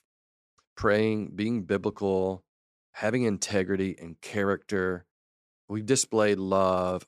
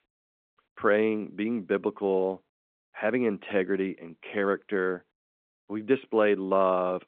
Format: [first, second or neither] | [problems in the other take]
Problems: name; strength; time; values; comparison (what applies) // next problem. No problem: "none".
first | phone-call audio